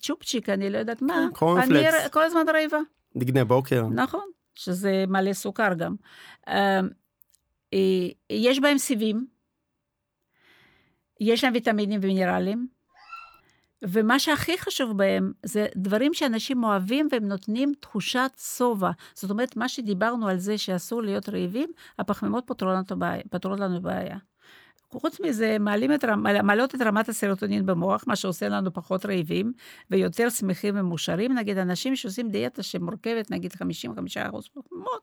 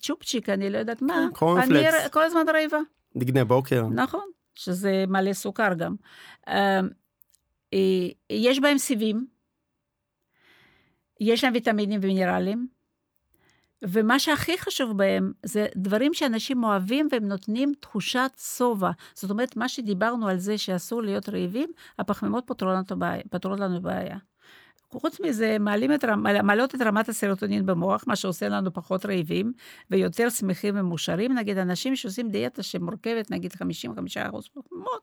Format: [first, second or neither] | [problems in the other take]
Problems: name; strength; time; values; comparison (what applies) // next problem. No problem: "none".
second | dog barking; faint; at 13 s; peak 20 dB below the speech